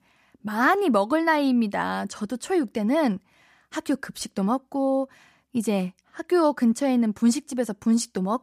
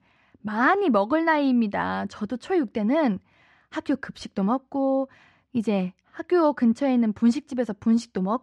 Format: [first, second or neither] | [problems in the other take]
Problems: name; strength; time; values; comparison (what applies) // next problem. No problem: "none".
first | muffled; slightly; fading above 3.5 kHz